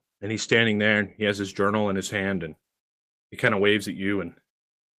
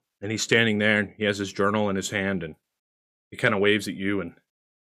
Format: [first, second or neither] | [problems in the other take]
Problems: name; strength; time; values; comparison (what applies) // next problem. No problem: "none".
second | garbled, watery; slightly; nothing above 15 kHz